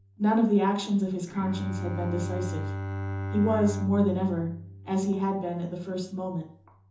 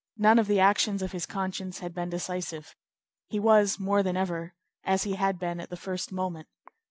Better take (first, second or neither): second